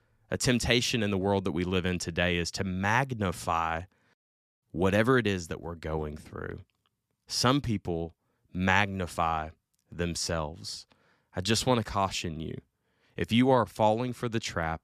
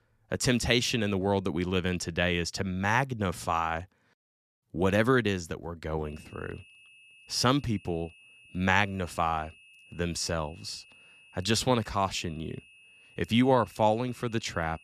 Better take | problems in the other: first | high-pitched whine; faint; from 6 s on; 2.5 kHz, 25 dB below the speech

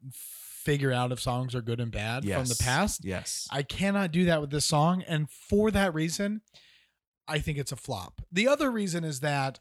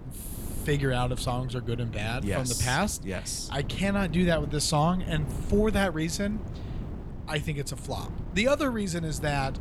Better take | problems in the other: first | wind noise on the microphone; occasional gusts; 15 dB below the speech

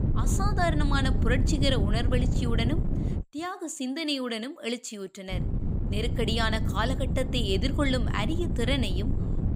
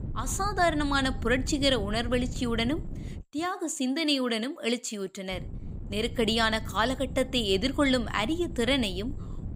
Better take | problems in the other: second | wind noise on the microphone; heavy; until 3 s and from 5.5 s on; 9 dB below the speech; occasional gusts in the second

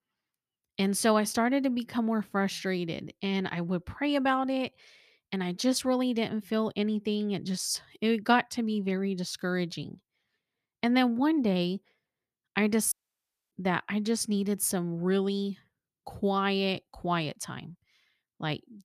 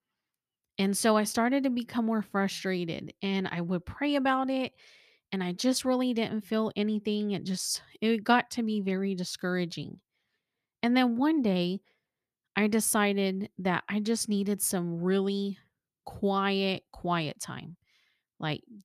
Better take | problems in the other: second | audio cutting out; at 13 s for 0.5 s

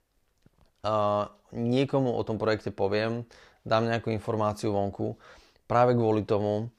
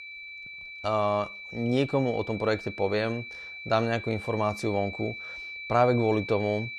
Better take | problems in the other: first | high-pitched whine; noticeable; throughout; 2.5 kHz, 10 dB below the speech

